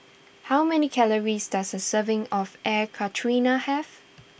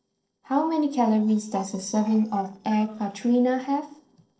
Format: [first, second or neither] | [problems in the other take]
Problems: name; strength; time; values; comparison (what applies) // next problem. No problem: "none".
first | noise reduction (neural separator model SepFormer DNS4)